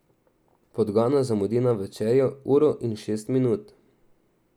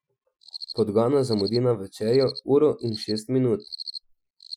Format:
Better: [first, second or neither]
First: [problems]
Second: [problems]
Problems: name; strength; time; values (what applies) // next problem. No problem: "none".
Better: first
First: none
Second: noise reduction (classical method Wiener filter)